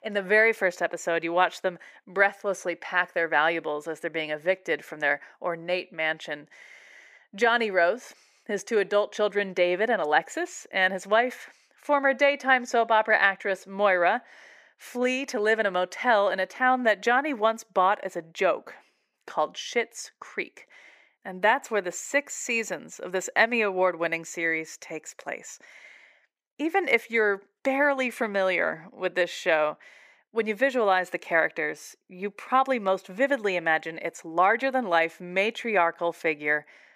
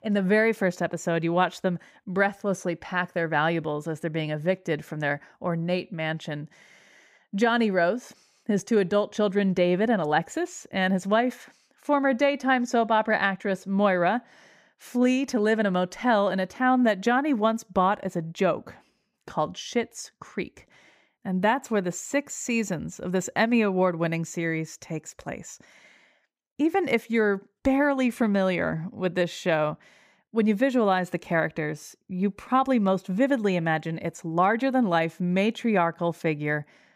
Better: second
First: thin; somewhat; fading below 450 Hz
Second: none

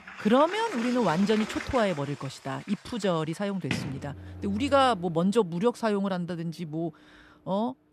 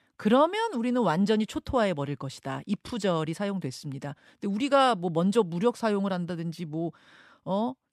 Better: second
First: household noises; noticeable; throughout; 10 dB below the speech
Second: none

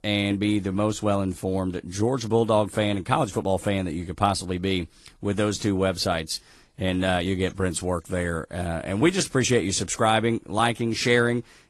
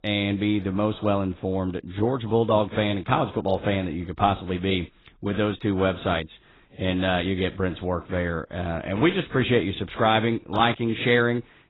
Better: first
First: garbled, watery; slightly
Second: garbled, watery; badly; nothing above 4 kHz

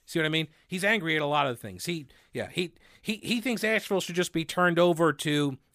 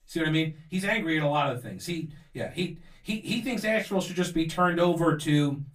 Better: first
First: none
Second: off-mic speech; far // room echo; very slight; dies away in 0.2 s

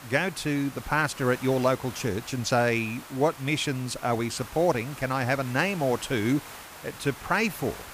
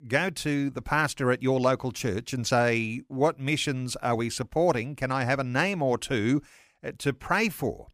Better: second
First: hiss; noticeable; throughout; 15 dB below the speech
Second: none

